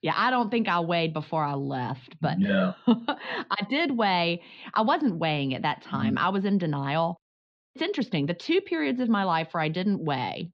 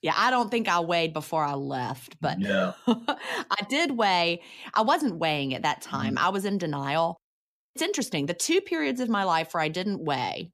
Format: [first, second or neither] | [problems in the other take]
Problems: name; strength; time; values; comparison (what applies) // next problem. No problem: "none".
second | muffled; very slightly; fading above 4 kHz